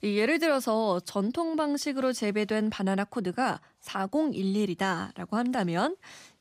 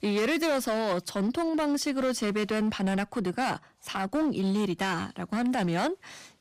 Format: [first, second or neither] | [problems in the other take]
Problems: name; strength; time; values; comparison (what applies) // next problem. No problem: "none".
first | distortion; slight; 14% of the sound clipped